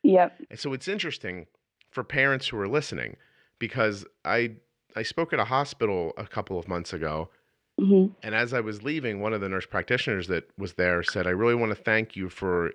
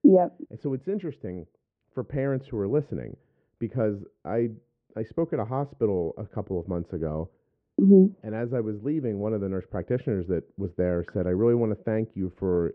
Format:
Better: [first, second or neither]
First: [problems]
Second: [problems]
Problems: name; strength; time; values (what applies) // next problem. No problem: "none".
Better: first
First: none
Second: muffled; very; fading above 1.5 kHz